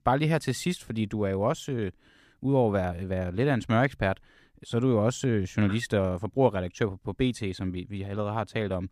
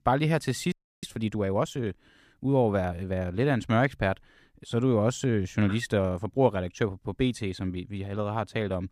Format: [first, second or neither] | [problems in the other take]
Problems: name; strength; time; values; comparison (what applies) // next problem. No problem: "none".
first | audio freezing; at 0.5 s